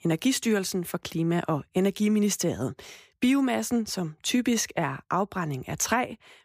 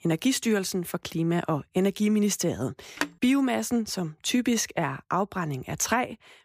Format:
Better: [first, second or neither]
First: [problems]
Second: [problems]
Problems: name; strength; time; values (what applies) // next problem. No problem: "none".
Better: first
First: none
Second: phone ringing; noticeable; at 3 s; peak 6 dB below the speech